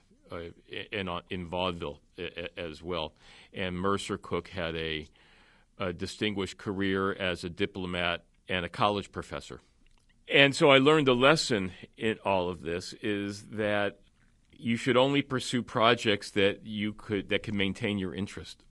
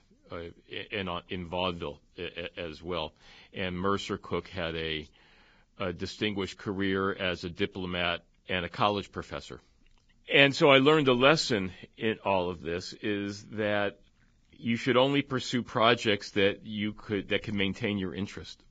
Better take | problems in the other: first | garbled, watery; badly; nothing above 7.5 kHz; slightly in the first

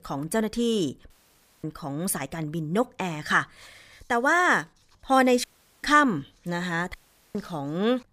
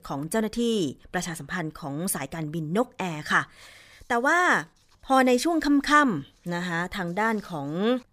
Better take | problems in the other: second | audio cutting out; at 1 s for 0.5 s, at 5.5 s and at 7 s

